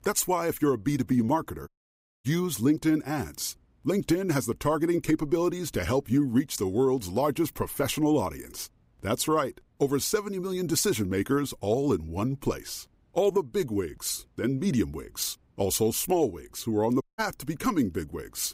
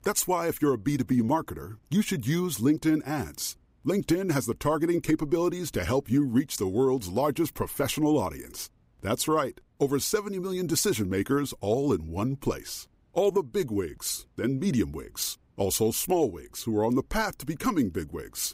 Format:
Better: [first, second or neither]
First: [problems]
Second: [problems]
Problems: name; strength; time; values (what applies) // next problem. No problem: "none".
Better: second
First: audio cutting out; at 1.5 s for 0.5 s and at 17 s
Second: none